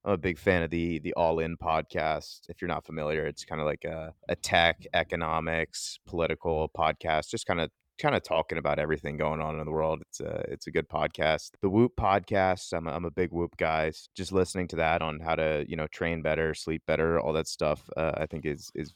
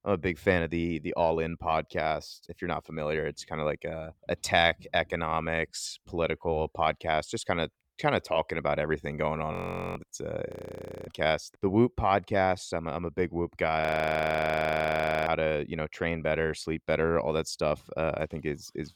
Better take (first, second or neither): first